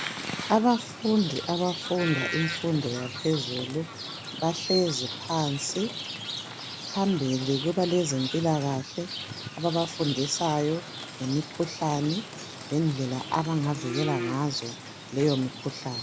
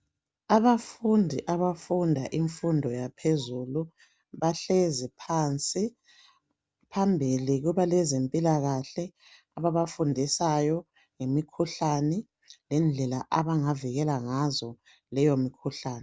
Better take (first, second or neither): second